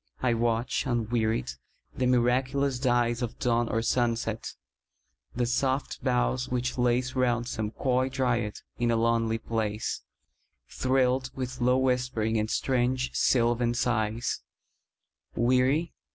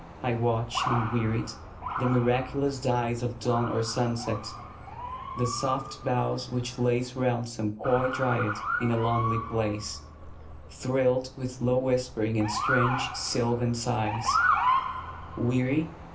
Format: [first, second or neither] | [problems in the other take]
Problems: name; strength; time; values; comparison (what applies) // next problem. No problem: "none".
first | background sound (Motor vehicle (road) / Siren); 5 dB below the speech // room echo; dies away in 0.3 s